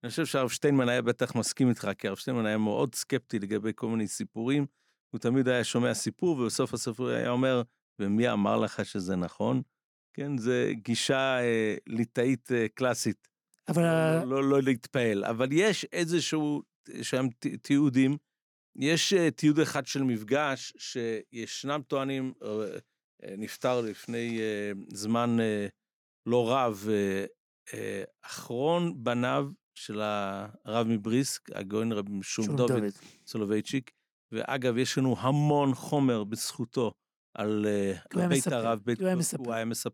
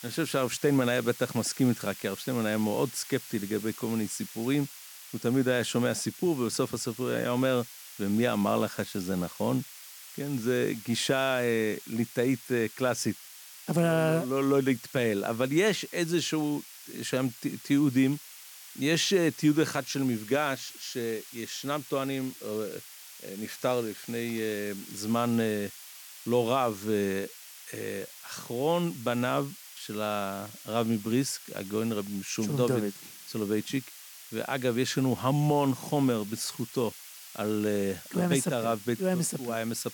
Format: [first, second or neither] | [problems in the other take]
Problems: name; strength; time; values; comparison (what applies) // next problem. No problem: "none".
first | hiss; noticeable; throughout; 15 dB below the speech